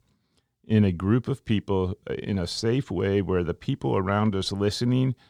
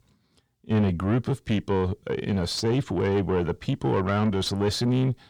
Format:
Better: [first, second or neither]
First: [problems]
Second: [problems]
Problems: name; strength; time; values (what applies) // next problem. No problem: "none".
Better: first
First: none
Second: distortion; slight; 9 dB below the speech